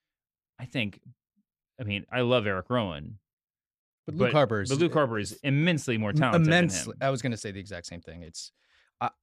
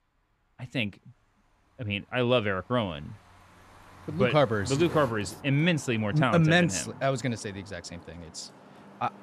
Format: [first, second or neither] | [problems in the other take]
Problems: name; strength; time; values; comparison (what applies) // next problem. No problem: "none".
first | traffic noise; faint; throughout; 20 dB below the speech